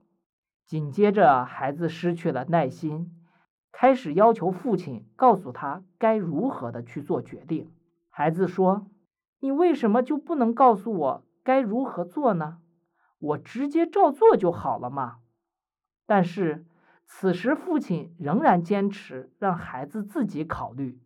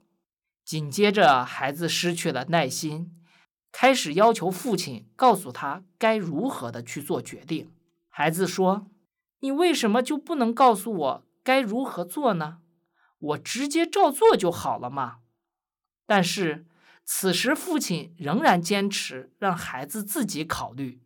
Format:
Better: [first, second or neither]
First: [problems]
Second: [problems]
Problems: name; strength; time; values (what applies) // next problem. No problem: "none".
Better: second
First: muffled; very; fading above 2.5 kHz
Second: none